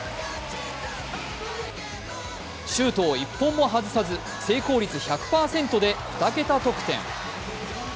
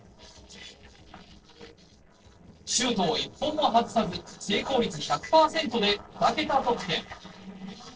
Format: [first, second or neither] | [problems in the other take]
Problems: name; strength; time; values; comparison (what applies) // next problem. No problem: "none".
first | noise reduction (neural separator model SepFormer DNS4)